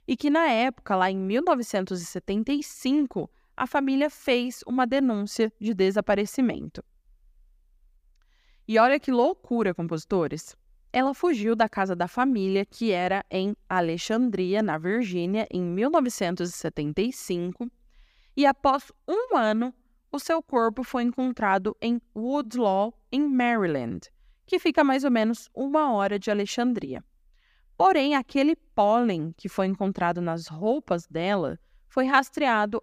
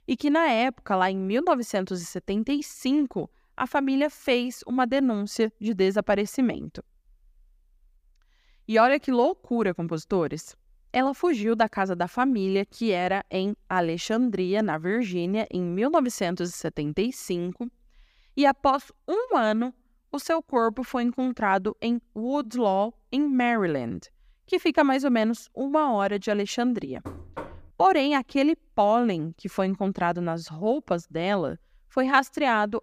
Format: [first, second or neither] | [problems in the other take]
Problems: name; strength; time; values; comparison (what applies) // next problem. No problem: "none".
first | door banging; faint; at 27 s; peak 15 dB below the speech